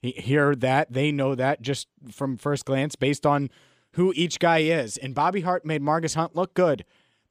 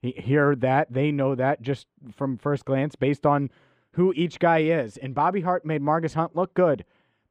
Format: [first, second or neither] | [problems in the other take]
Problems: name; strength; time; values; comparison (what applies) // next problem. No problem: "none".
first | muffled; very; fading above 3.5 kHz